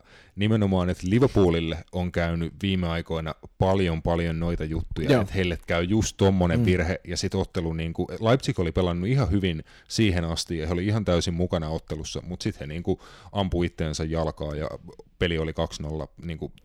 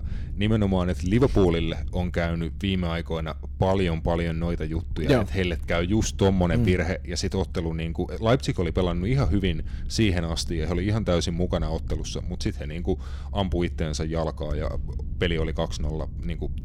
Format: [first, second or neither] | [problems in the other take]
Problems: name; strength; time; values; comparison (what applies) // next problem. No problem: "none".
first | low rumble; faint; throughout; 25 dB below the speech